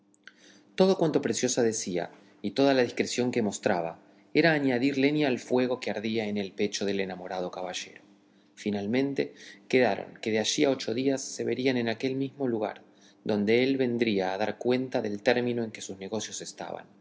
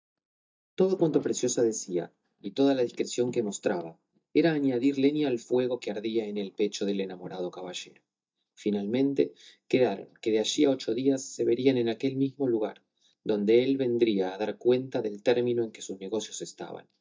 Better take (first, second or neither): first